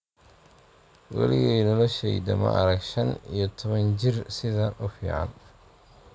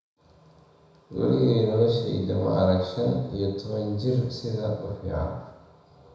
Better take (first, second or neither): first